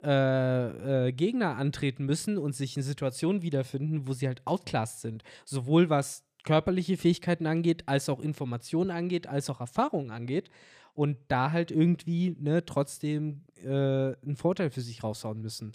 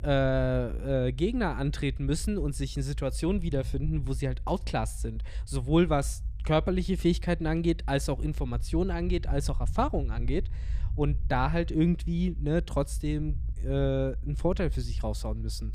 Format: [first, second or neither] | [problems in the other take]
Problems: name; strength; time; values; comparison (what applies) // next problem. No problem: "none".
first | low rumble; faint; throughout; 25 dB below the speech